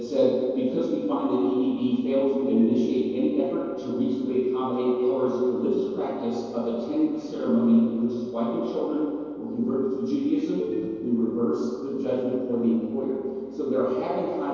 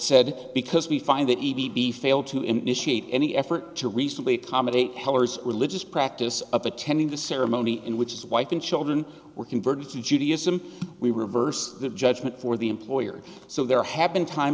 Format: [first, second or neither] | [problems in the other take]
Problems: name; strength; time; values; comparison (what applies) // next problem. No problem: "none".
second | noise reduction (neural separator model SepFormer DNS4)